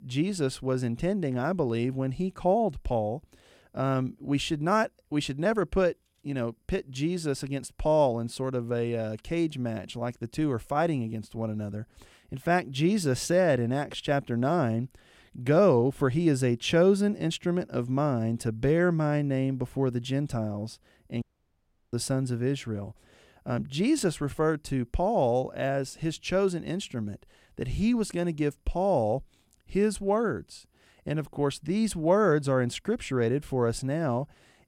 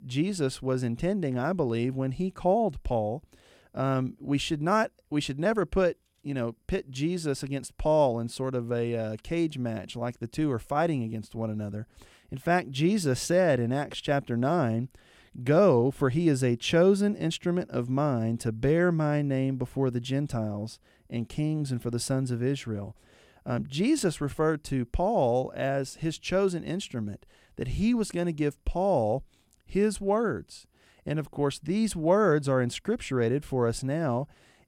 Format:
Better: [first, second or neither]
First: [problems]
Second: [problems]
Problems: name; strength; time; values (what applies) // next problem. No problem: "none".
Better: second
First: audio cutting out; at 21 s for 0.5 s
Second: none